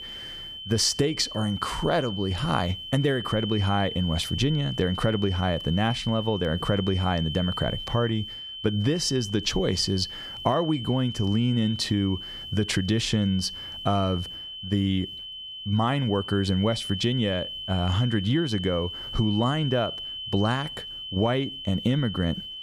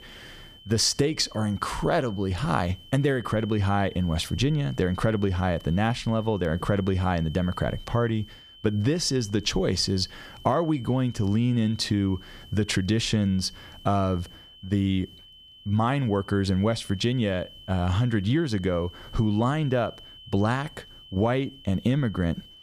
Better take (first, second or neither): second